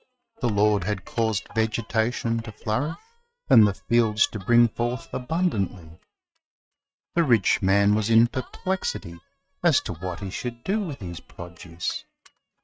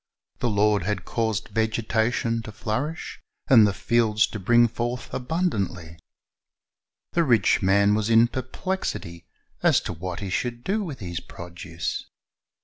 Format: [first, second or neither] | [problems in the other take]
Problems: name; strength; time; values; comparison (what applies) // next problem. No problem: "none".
second | noise reduction (neural mask model RNNoise)